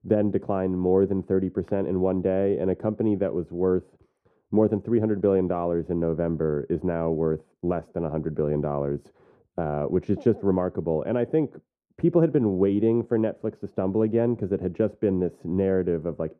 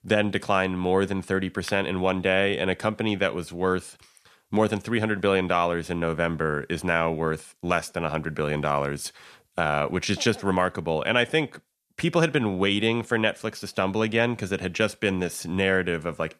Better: second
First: muffled; very; fading above 1.5 kHz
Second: none

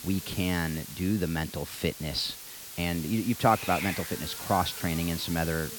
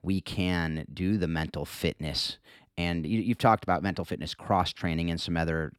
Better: second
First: hiss; loud; throughout; 8 dB below the speech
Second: none

